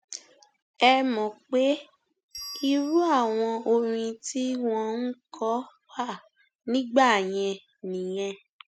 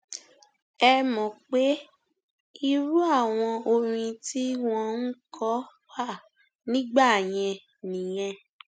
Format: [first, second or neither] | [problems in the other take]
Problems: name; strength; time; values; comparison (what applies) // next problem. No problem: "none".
second | background sound (Bell); 18 dB below the speech